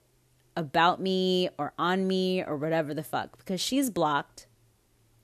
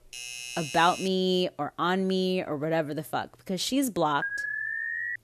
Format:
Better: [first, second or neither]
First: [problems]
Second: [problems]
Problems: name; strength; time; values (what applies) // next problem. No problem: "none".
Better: first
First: none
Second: doorbell; noticeable; until 1 s; peak 8 dB below the speech // alarm; noticeable; at 4 s; peak 2 dB below the speech